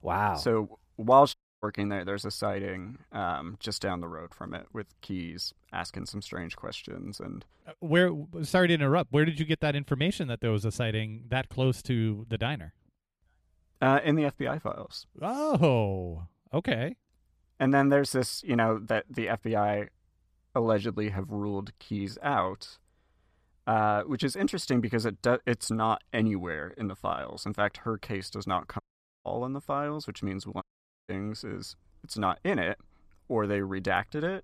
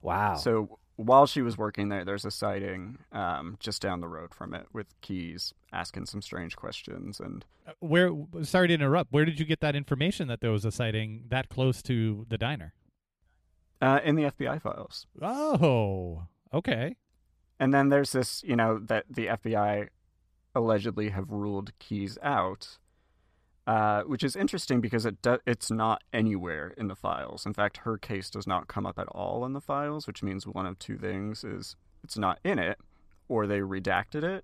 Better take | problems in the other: second | audio cutting out; at 1.5 s, at 29 s and at 31 s

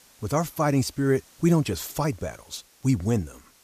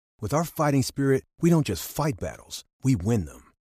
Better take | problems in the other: second | hiss; faint; throughout; 30 dB below the speech

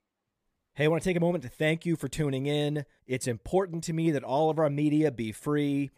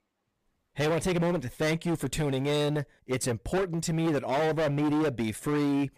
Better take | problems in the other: first | distortion; heavy; 23% of the sound clipped

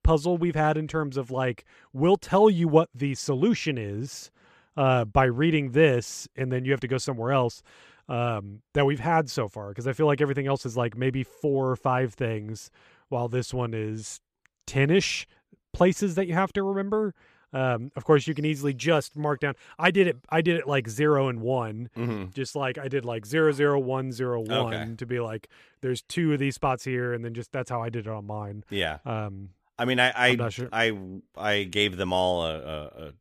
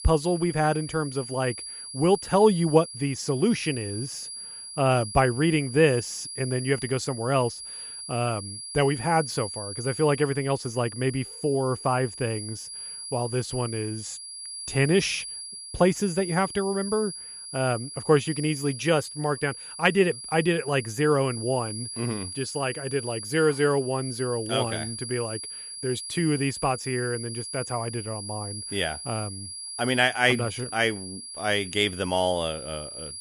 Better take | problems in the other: first | high-pitched whine; loud; throughout; 10.5 kHz, 9 dB below the speech

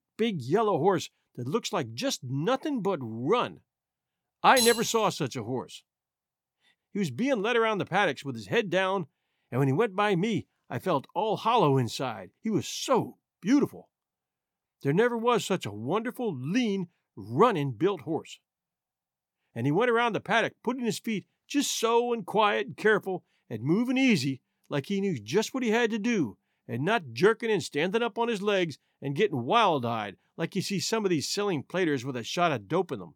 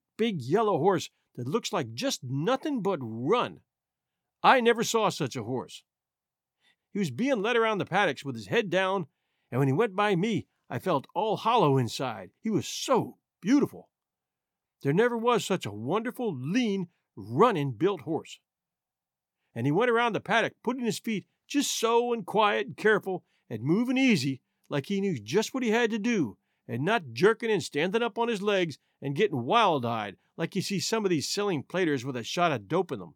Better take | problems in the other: second | clattering dishes; loud; at 4.5 s; peak 1 dB above the speech

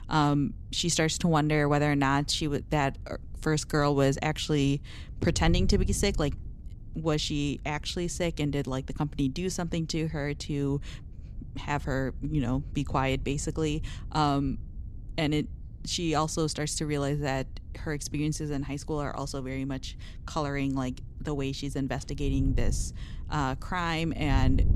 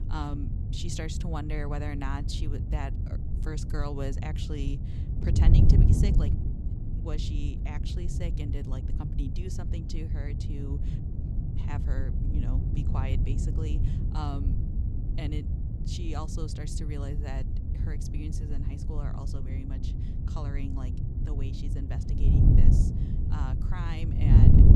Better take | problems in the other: first | wind noise on the microphone; heavy; as loud as the speech; occasional gusts in the first

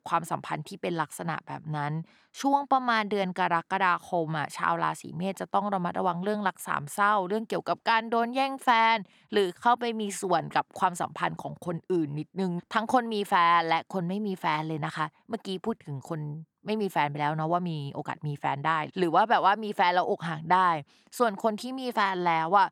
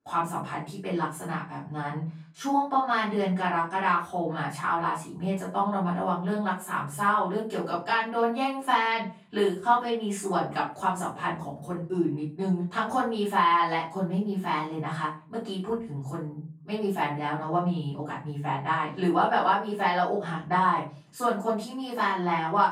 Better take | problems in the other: first | off-mic speech; far // room echo; noticeable; dies away in 0.4 s

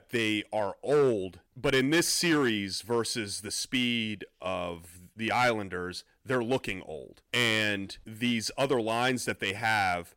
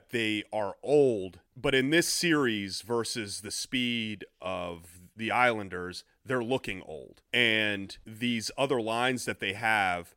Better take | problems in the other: second | distortion; slight; 3% of the sound clipped

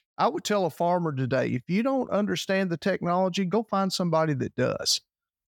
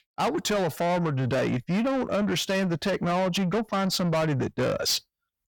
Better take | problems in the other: first | distortion; heavy; 8 dB below the speech

